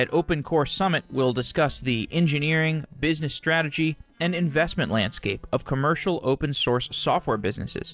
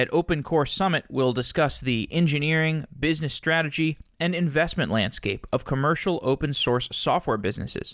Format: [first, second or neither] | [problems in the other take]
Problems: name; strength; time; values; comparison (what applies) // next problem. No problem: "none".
second | noise reduction (neural separator model SepFormer DNS4)